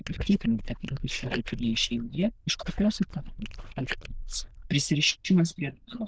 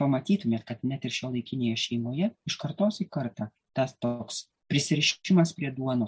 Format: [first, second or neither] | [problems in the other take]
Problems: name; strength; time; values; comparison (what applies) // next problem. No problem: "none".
second | noise reduction (neural diffusion model UNIVERSE++)